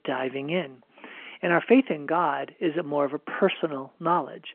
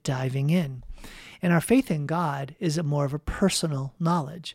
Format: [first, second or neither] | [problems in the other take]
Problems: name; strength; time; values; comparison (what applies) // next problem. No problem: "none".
second | phone-call audio